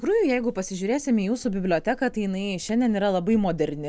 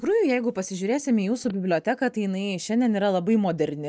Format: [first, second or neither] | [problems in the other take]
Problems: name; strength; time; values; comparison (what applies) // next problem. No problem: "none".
first | noise reduction (neural mask model DeepFilterNet 3)